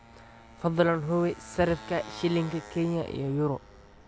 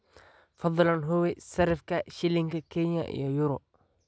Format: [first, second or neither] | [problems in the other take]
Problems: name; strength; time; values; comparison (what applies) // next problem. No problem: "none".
second | background sound (Motorcycle); 17 dB below the speech